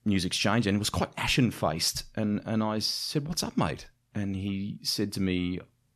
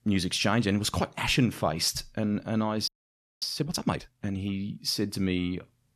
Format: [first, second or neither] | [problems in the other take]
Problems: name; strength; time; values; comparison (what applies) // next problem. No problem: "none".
first | audio freezing; at 3 s for 0.5 s